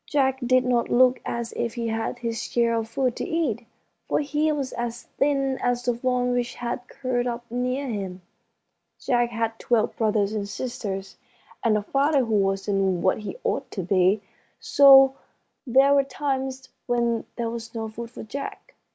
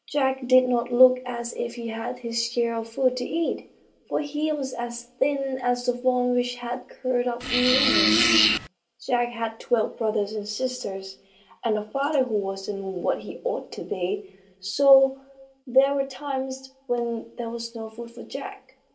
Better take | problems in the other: first | background sound (Fart); 4 dB above the speech // room echo; dies away in 0.2 s

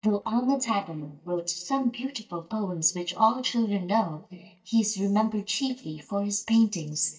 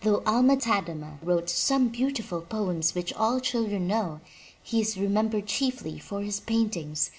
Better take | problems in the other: second | noise reduction (neural mask model DeepFilterNet 3)

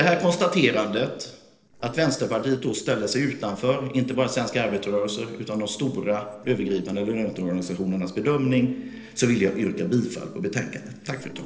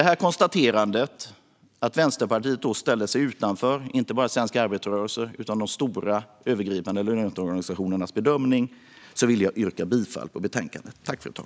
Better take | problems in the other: second | noise reduction (neural separator model SepFormer DNS4)

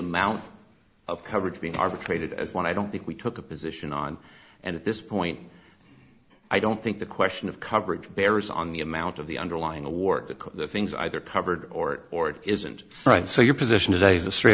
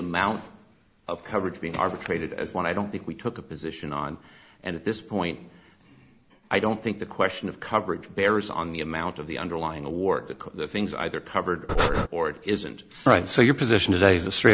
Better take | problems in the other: first | background sound (Breathing); 4 dB above the speech

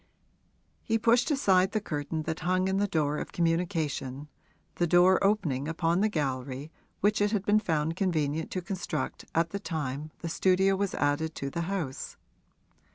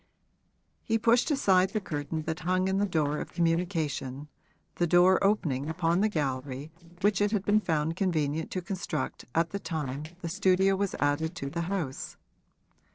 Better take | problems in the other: first | noise reduction (neural separator model SepFormer DNS4)

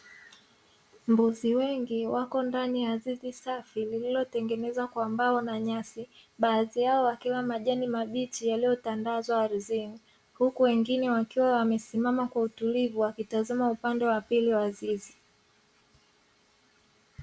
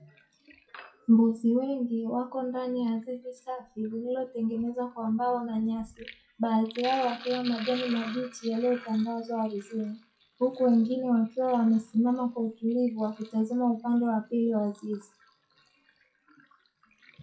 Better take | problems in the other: first | noise reduction (classical method WPE with log-MMSE)

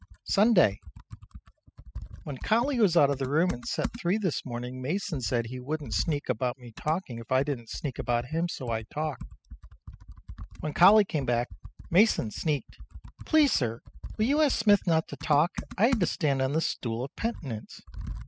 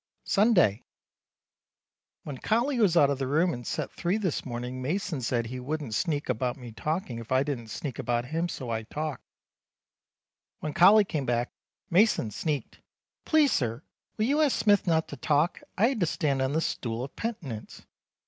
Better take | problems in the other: second | noise reduction (classical method spectral subtraction)

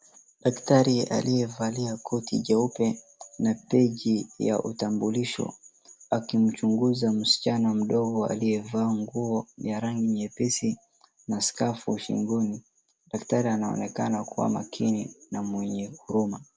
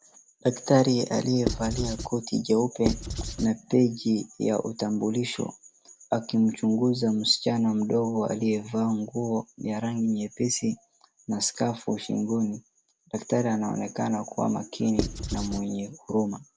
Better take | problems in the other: first | background sound (Writing); 4 dB below the speech

